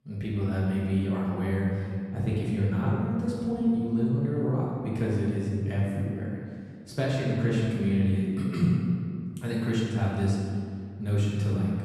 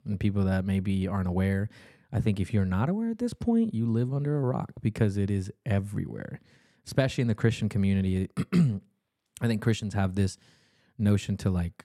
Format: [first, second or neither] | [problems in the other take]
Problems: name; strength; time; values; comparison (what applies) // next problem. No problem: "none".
second | room echo; strong; dies away in 1.9 s // off-mic speech; far